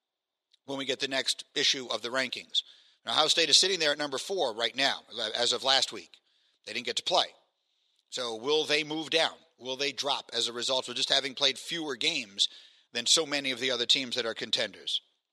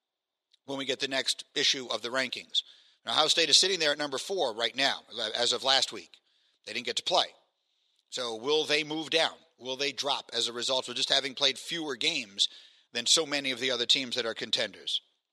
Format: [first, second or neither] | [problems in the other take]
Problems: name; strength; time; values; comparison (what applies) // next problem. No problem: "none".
neither | thin; somewhat; fading below 500 Hz; the same in both